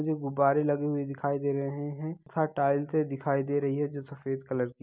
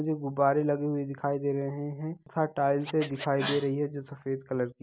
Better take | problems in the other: first | background sound (Scratching (performance technique)); 13 dB below the speech

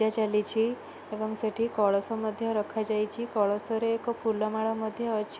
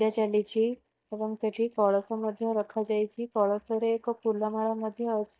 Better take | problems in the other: first | noise reduction (neural mask model DeepFilterNet 3)

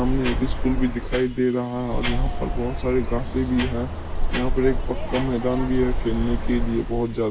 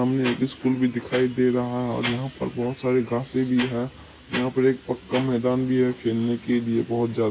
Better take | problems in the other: second | background sound (Bird); as loud as the speech

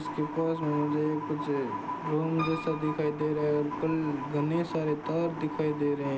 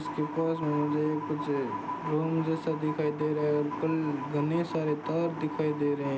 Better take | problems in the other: second | background sound (Piano); 18 dB below the speech

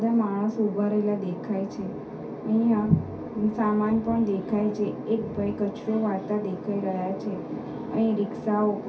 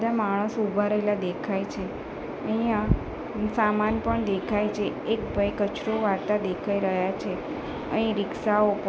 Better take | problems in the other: second | room echo; dies away in 0.3 s

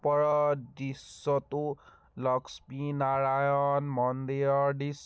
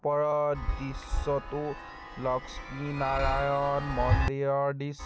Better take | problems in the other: first | background sound (Chime); 3 dB below the speech

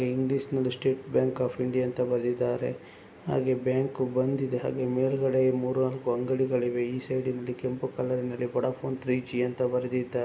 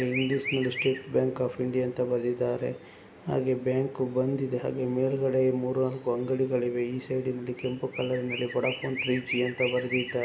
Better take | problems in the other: first | background sound (Chirp, tweet); 12 dB below the speech

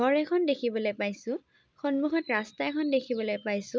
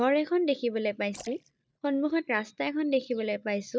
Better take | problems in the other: first | noise reduction (neural mask model DeepFilterNet 3)

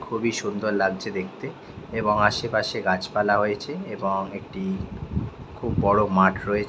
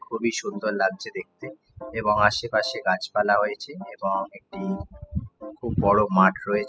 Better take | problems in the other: first | noise reduction (classical method spectral subtraction)

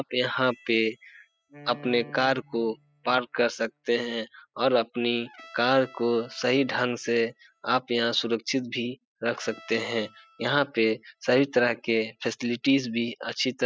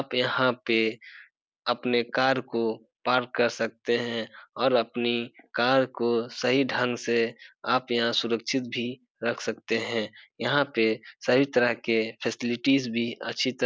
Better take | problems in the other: second | noise reduction (classical method spectral subtraction)

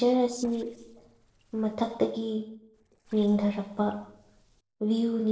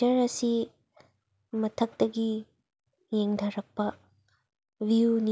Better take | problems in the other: second | noise reduction (neural separator model SepFormer DNS4)

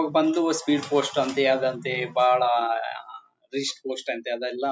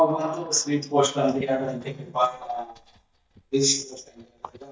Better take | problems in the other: first | noise reduction (neural mask model DeepFilterNet 3)

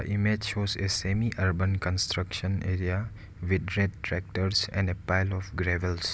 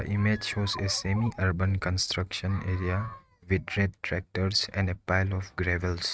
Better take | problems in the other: first | noise reduction (neural mask model RNNoise)

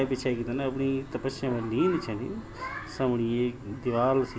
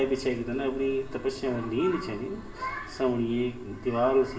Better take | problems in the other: first | room echo; dies away in 0.7 s

